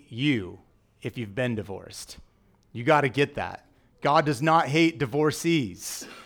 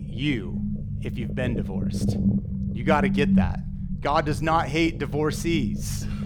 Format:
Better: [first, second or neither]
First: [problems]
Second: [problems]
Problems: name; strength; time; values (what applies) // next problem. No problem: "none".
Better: first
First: none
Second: low rumble; noticeable; throughout; 10 dB below the speech